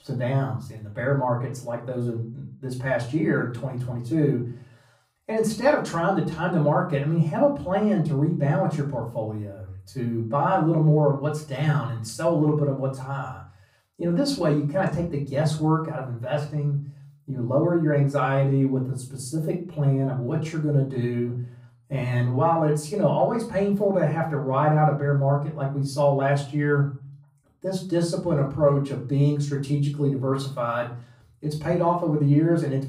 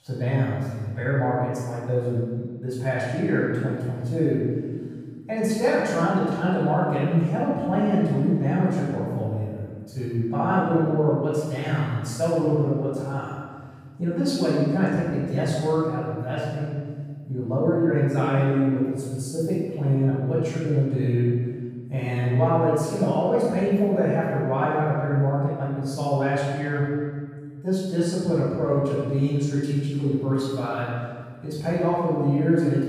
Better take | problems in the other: first | room echo; strong; dies away in 1.5 s; slight in the first // off-mic speech; far; far in the first

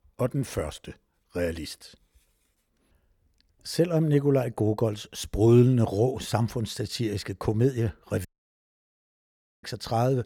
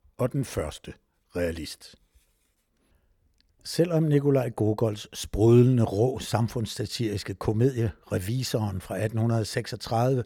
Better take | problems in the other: second | audio cutting out; at 8.5 s for 1.5 s

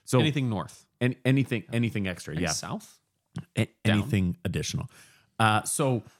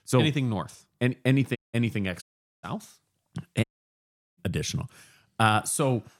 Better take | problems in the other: first | audio cutting out; at 1.5 s, at 2 s and at 3.5 s for 0.5 s

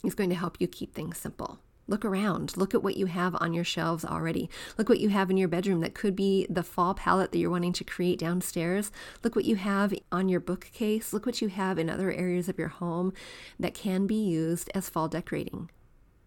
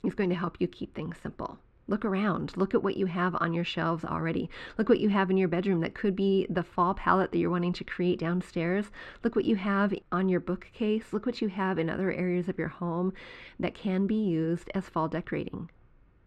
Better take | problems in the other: first | muffled; slightly; fading above 2.5 kHz

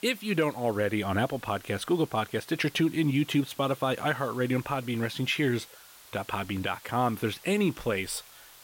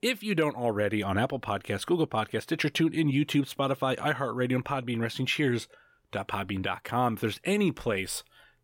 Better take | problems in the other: second | hiss; faint; throughout; 20 dB below the speech

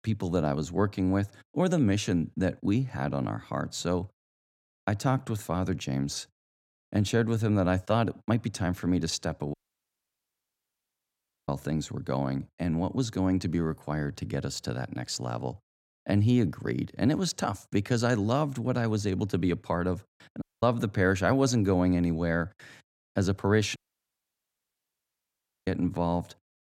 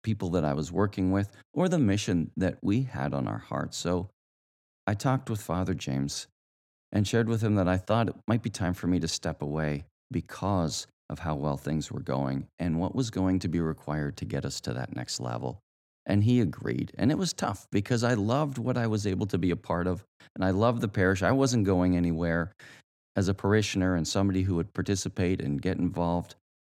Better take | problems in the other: second | audio cutting out; at 9.5 s for 2 s, at 20 s and at 24 s for 2 s

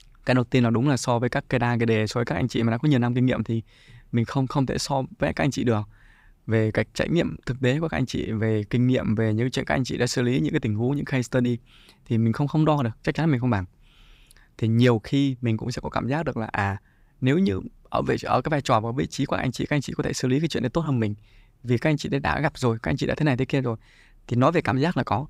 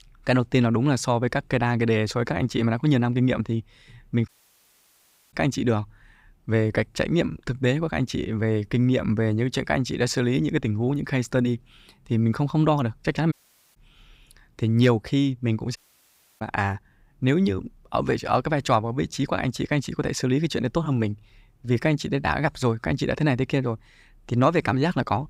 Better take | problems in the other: first | audio cutting out; at 4.5 s for 1 s, at 13 s and at 16 s for 0.5 s

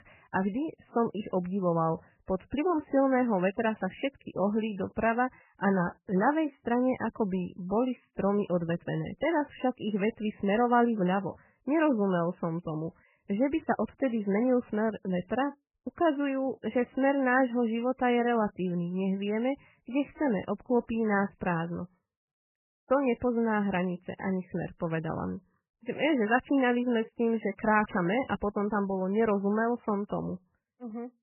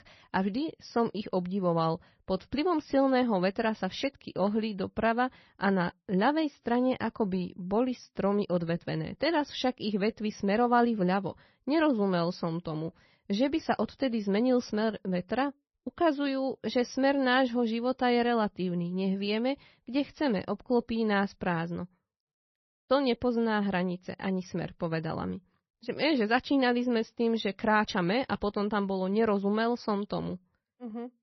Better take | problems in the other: second | garbled, watery; badly; nothing above 3 kHz; slightly in the second

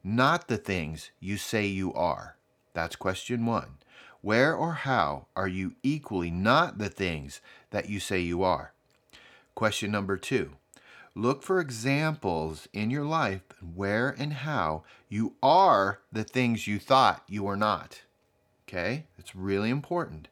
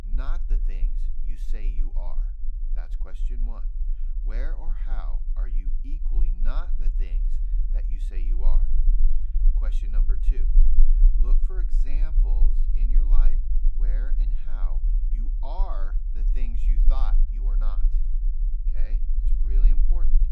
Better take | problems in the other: first | low rumble; loud; throughout; 7 dB below the speech

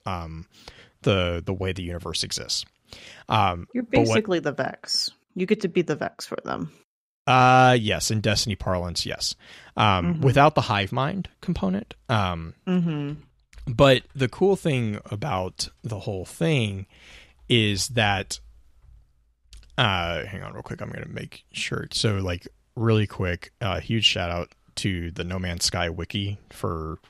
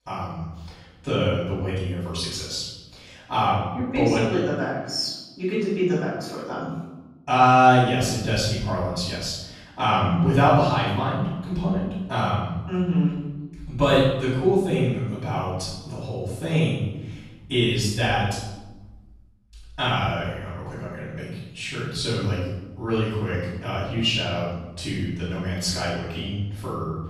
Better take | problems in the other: first | room echo; strong; dies away in 0.9 s // off-mic speech; far

